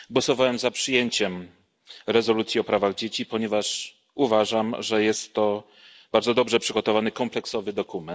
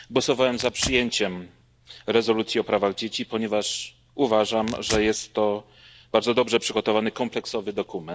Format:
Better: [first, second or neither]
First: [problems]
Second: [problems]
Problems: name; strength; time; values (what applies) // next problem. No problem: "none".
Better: first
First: none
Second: background sound (Tearing); 17 dB below the speech